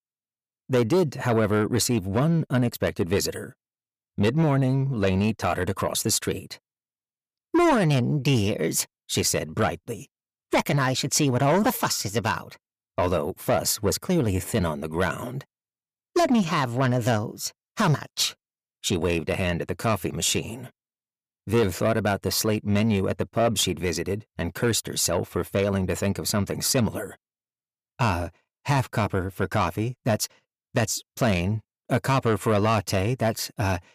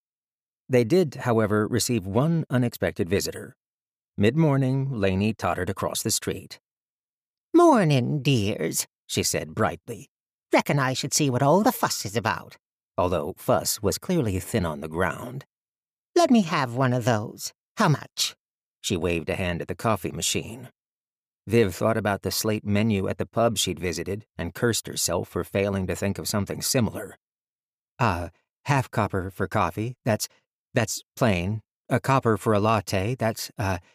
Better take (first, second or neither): second